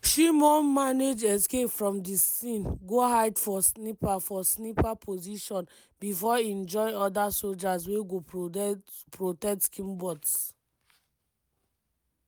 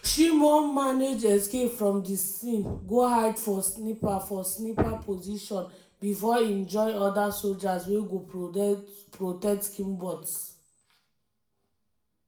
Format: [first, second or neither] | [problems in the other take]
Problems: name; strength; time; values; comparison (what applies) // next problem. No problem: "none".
first | room echo; dies away in 0.5 s